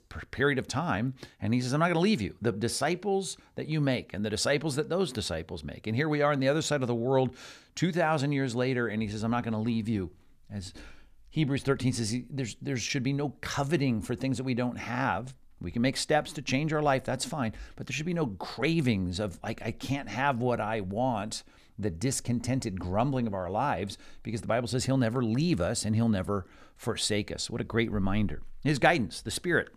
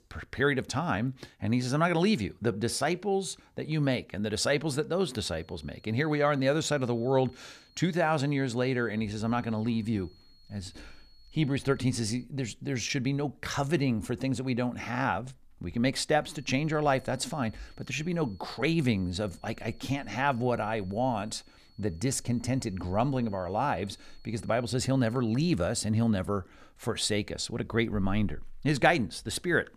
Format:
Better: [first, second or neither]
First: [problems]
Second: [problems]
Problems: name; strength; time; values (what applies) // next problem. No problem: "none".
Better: first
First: none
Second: high-pitched whine; faint; from 5.5 to 12 s and from 16 to 25 s; 4.5 kHz, 30 dB below the speech